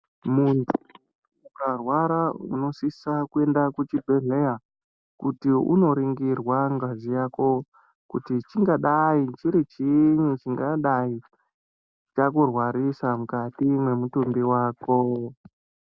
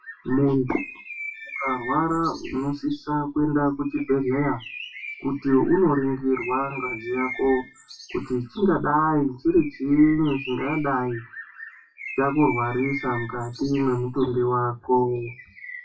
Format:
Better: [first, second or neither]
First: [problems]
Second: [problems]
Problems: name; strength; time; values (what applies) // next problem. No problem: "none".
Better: first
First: none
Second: noise reduction (classical method WPE with log-MMSE)